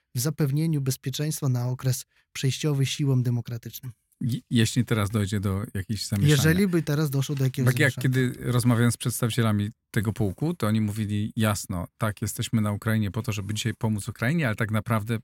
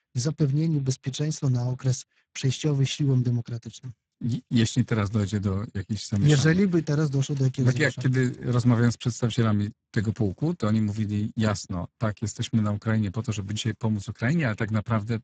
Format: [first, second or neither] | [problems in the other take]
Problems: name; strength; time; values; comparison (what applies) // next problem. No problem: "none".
first | garbled, watery; badly; nothing above 7.5 kHz